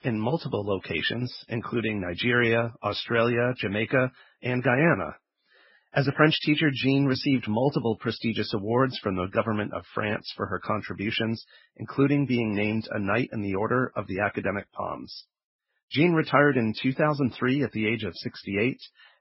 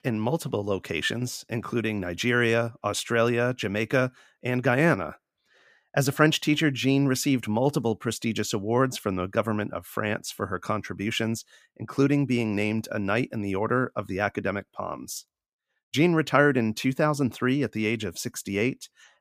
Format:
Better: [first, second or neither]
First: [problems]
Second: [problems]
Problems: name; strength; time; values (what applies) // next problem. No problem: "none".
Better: second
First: garbled, watery; badly; nothing above 5.5 kHz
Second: none